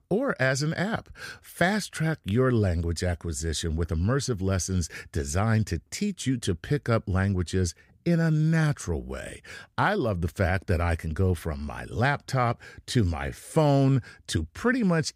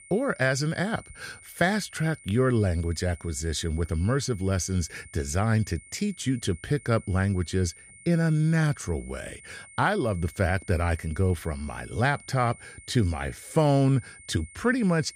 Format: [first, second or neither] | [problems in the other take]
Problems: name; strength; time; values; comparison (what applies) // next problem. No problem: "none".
first | high-pitched whine; faint; throughout; 2 kHz, 20 dB below the speech